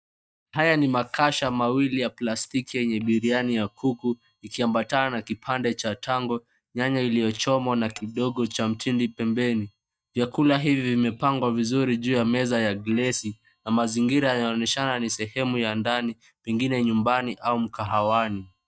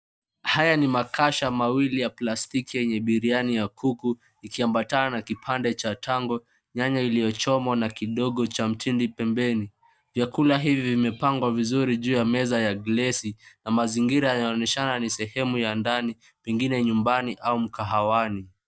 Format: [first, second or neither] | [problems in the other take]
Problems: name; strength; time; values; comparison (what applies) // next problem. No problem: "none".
second | noise reduction (neural mask model DeepFilterNet 3)